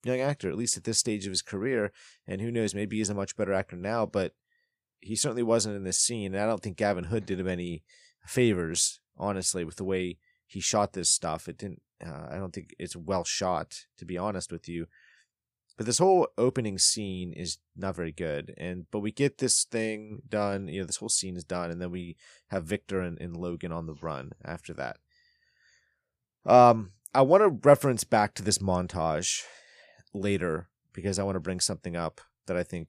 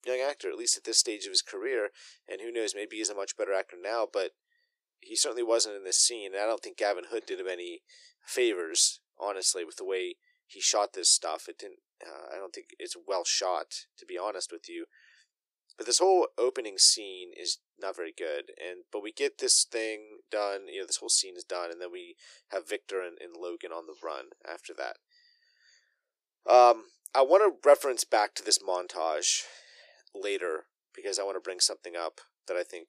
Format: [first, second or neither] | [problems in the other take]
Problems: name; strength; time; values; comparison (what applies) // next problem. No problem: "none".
first | thin; very; fading below 350 Hz